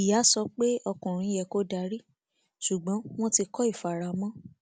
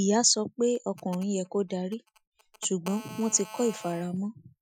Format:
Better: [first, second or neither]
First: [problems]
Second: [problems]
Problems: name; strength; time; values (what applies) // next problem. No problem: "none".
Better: first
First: none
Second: noise reduction (classical method Wiener filter)